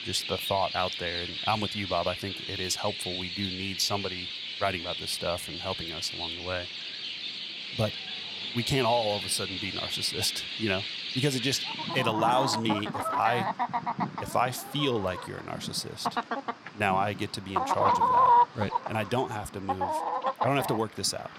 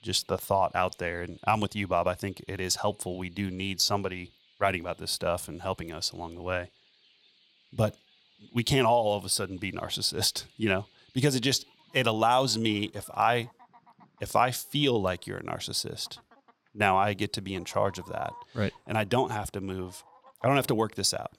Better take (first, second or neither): second